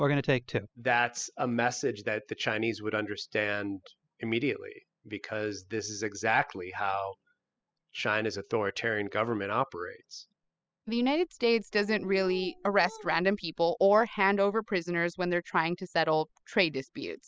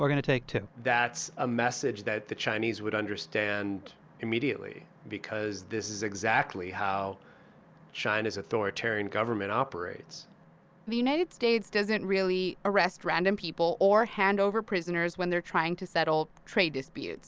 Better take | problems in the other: second | noise reduction (classical method spectral subtraction)

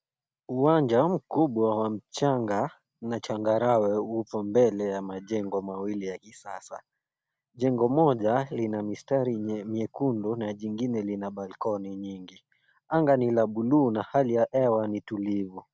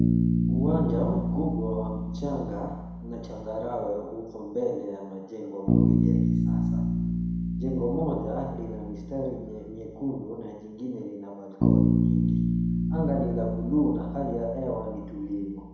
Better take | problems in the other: first | background sound (Bass guitar); 5 dB above the speech // room echo; dies away in 1 s

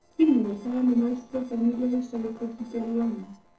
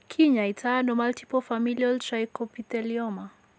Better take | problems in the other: second | noise reduction (neural separator model SepFormer DNS4)

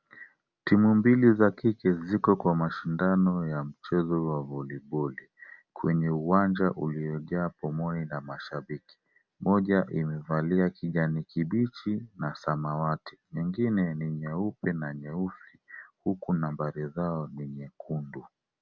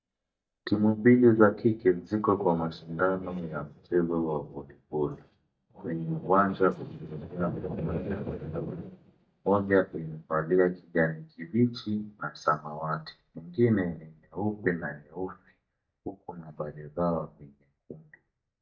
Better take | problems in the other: first | noise reduction (neural mask model DeepFilterNet 3)

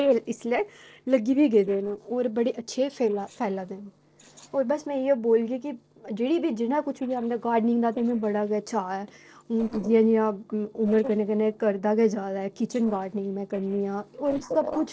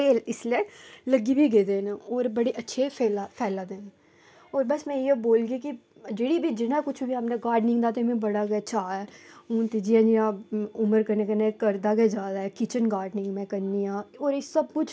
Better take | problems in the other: second | noise reduction (neural separator model SepFormer DNS4)

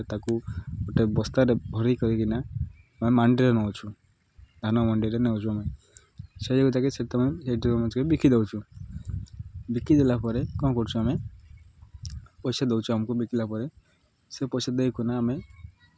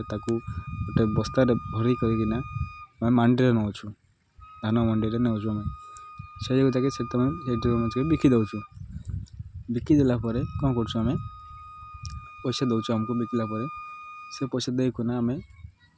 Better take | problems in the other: first | background sound (Wind instrument, woodwind instrument); 17 dB below the speech

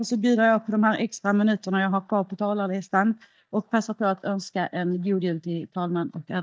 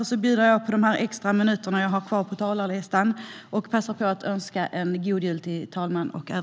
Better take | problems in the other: second | noise reduction (neural mask model DeepFilterNet 3)

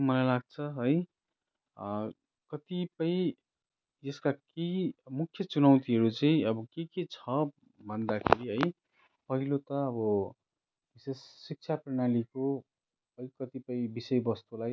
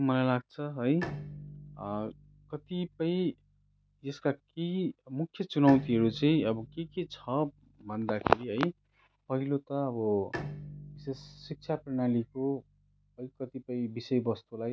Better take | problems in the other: first | background sound (Bowed string instrument); 16 dB below the speech

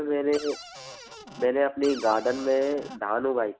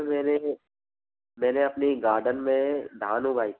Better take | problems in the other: second | background sound (Cupboard open or close); 16 dB below the speech

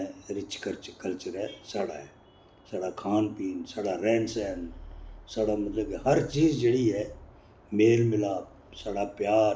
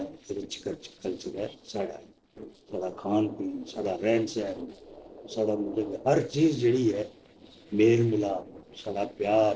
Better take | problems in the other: first | noise reduction (neural separator model SepFormer DNS4)

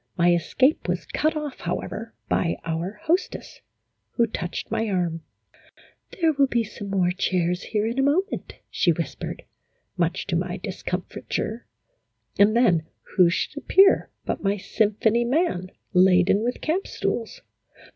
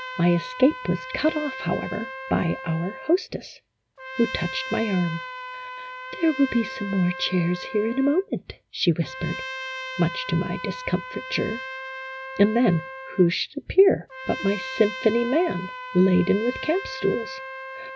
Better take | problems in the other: first | background sound (Trumpet); 11 dB below the speech

